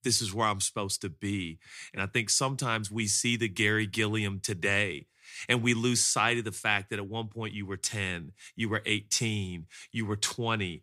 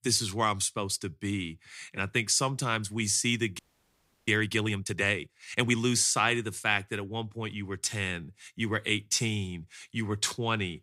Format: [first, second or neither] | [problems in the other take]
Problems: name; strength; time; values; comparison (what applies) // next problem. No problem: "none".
first | audio freezing; at 3.5 s for 0.5 s